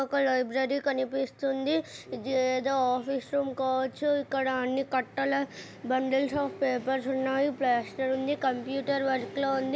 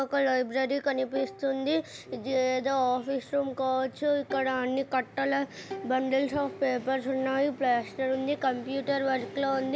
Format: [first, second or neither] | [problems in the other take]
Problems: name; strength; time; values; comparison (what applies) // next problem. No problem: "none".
first | background sound (Bowed string instrument); 17 dB below the speech